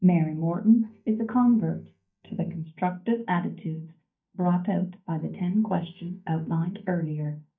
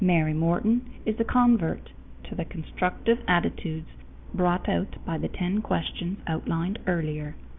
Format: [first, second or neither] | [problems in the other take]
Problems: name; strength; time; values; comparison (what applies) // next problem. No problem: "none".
second | noise reduction (neural mask model DeepFilterNet 3)